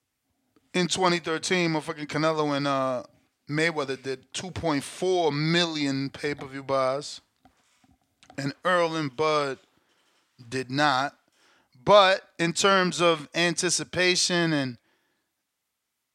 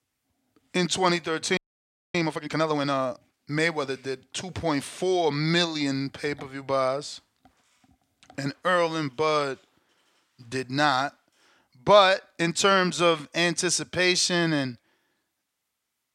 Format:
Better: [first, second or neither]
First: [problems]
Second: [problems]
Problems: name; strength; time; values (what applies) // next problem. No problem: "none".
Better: first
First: none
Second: audio freezing; at 1.5 s for 0.5 s